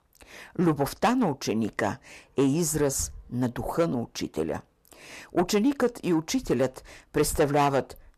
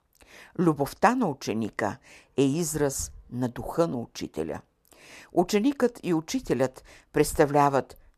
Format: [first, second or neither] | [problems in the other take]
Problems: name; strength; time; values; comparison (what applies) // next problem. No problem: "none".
second | distortion; slight; 10 dB below the speech